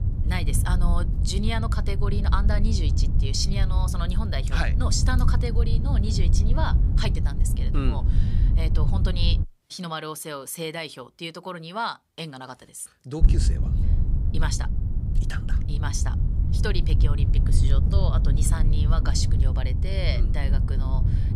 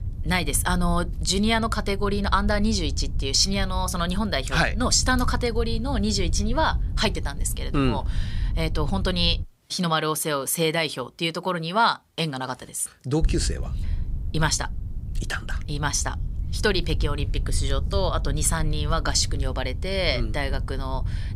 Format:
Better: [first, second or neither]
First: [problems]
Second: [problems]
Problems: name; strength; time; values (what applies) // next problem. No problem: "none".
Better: second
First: wind noise on the microphone; heavy; until 9.5 s and from 13 s on; 7 dB below the speech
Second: wind noise on the microphone; occasional gusts; until 9.5 s and from 13 s on; 20 dB below the speech